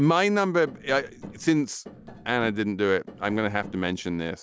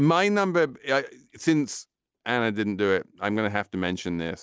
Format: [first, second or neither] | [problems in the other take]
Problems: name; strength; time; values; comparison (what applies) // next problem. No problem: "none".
second | background sound (Tap); 19 dB below the speech